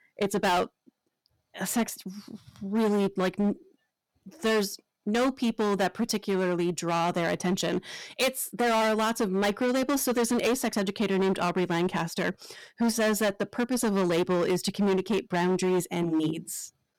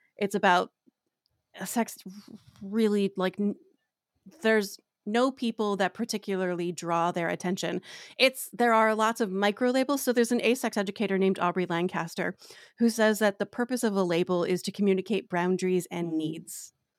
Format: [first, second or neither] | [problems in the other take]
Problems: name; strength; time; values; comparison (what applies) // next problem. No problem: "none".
second | distortion; heavy; 15% of the sound clipped